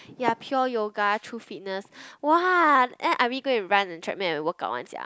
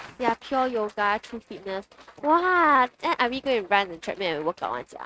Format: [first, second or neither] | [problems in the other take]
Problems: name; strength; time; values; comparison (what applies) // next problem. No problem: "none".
first | noise reduction (neural mask model RNNoise)